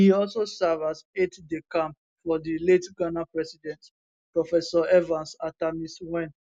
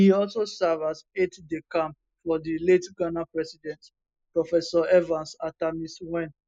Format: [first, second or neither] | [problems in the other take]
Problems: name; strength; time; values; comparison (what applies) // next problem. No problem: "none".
first | noise reduction (neural mask model Resemble Enhance denoiser)